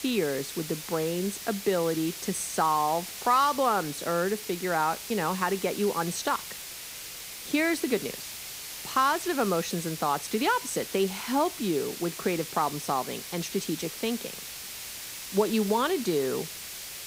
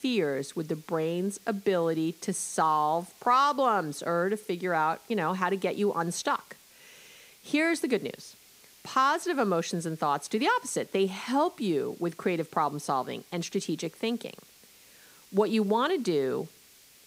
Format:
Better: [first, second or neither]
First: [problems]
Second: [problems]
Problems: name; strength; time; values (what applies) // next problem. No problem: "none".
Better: second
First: hiss; loud; throughout; 9 dB below the speech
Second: hiss; faint; throughout; 25 dB below the speech